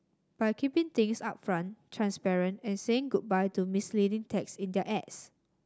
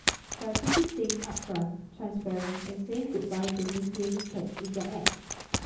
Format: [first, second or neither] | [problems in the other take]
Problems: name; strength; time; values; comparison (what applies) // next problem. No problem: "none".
first | background sound (Zipper (clothing)); 2 dB below the speech // room echo; dies away in 0.7 s